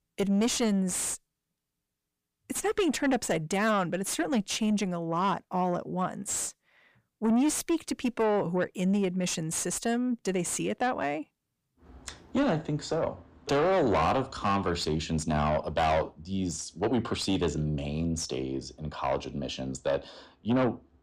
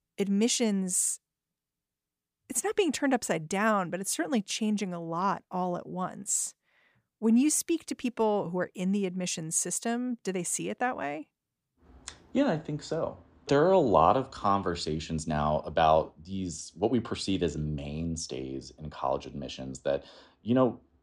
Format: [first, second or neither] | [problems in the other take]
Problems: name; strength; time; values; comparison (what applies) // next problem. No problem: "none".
second | distortion; heavy; 7 dB below the speech